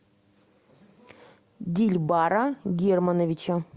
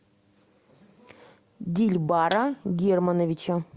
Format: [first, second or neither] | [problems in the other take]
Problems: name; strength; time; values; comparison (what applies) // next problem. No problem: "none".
first | background sound (Thump, thud); 19 dB below the speech